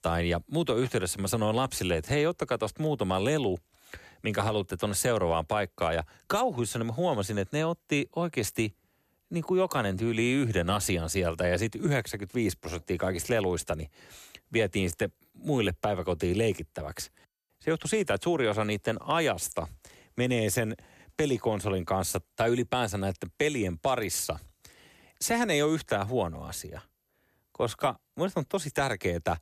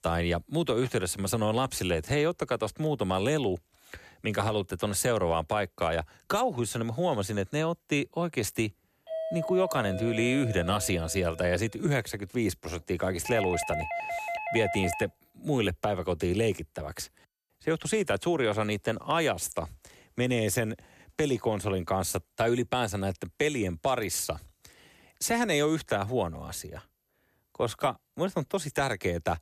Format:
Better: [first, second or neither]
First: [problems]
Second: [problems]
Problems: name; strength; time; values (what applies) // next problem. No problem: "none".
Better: first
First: none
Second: doorbell; noticeable; from 9 to 12 s and from 13 to 15 s; peak 3 dB below the speech